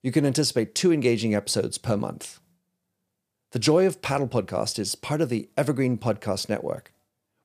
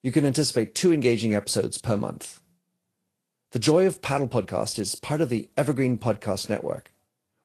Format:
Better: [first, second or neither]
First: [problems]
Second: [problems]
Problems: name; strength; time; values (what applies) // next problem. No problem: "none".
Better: first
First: none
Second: garbled, watery; slightly